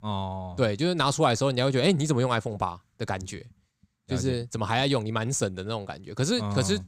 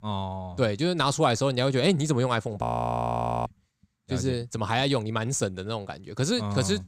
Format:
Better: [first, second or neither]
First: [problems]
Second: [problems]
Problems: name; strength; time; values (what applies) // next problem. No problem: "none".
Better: first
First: none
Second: audio freezing; at 2.5 s for 1 s